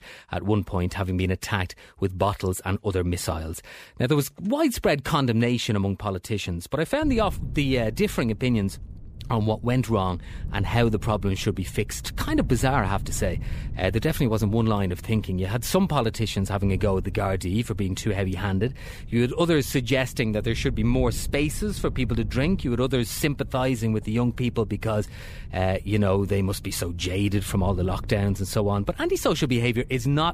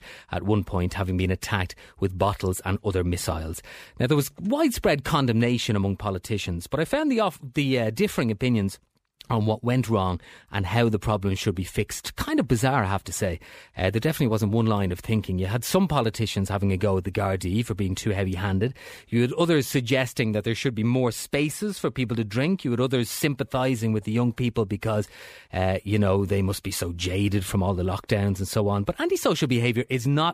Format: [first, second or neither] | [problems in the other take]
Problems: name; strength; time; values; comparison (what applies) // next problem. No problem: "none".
second | wind noise on the microphone; occasional gusts; from 7 s on; 25 dB below the speech